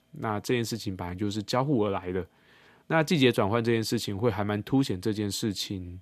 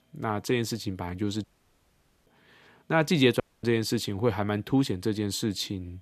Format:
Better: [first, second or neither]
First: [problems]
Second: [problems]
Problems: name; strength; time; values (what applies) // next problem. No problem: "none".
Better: first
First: none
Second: audio cutting out; at 1.5 s for 1 s and at 3.5 s